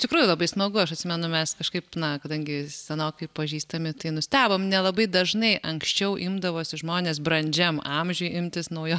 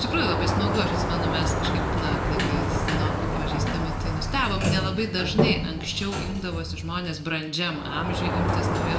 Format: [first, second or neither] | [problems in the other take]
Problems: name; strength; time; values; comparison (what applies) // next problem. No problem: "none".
first | background sound (Sliding door); 3 dB above the speech // room echo; dies away in 0.7 s